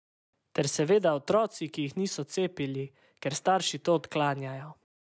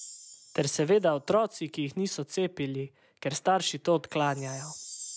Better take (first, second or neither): first